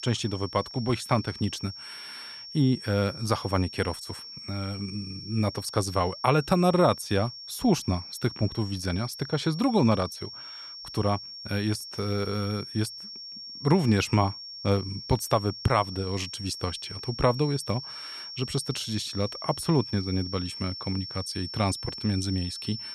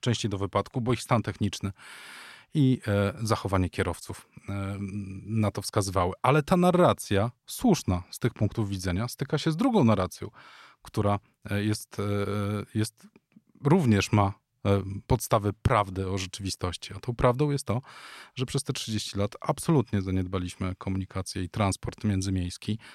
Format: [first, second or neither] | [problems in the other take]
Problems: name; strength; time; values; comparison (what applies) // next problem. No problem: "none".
second | high-pitched whine; loud; throughout; 5.5 kHz, 10 dB below the speech